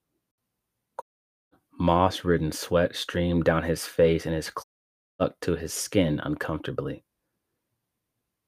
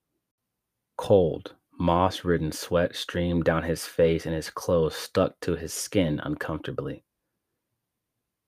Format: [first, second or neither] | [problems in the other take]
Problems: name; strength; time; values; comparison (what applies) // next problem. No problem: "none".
second | audio cutting out; at 1 s and at 4.5 s for 0.5 s